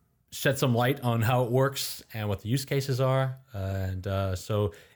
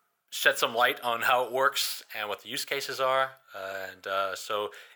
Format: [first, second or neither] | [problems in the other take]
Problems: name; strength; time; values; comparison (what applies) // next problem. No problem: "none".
first | thin; very; fading below 650 Hz